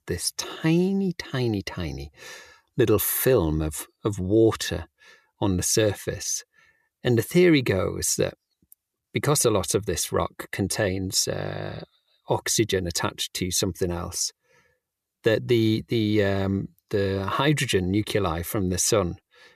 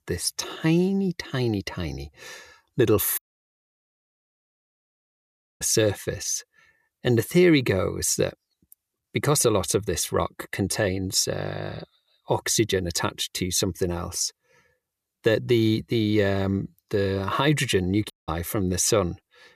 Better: first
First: none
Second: audio cutting out; at 3 s for 2.5 s and at 18 s

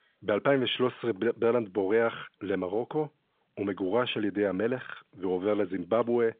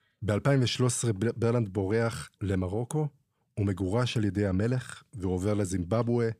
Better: second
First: phone-call audio; nothing above 3.5 kHz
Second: none

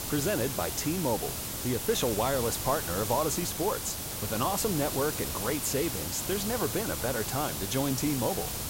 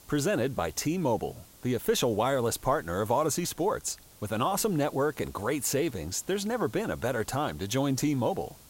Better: second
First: hiss; loud; throughout; 2 dB below the speech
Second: hiss; faint; throughout; 25 dB below the speech

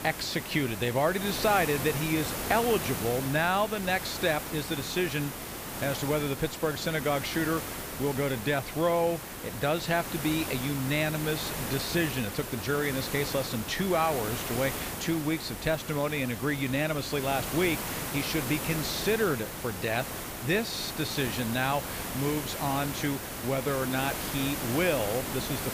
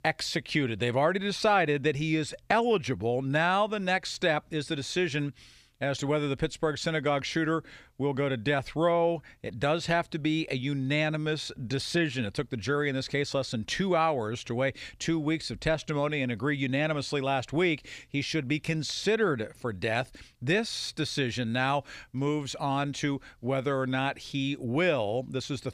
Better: second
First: hiss; loud; throughout; 5 dB below the speech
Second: none

